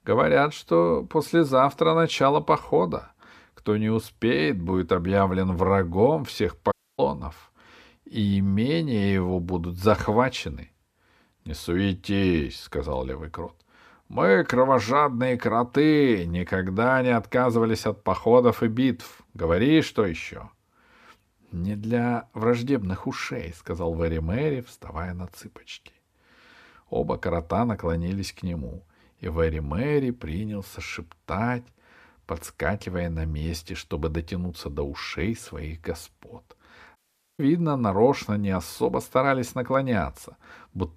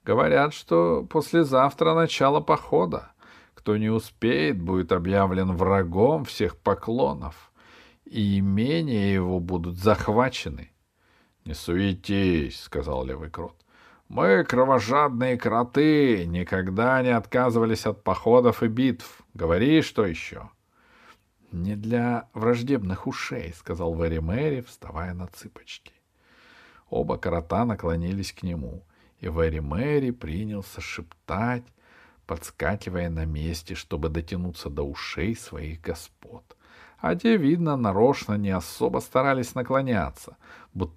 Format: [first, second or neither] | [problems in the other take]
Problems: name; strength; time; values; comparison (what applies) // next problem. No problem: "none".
second | audio cutting out; at 6.5 s and at 37 s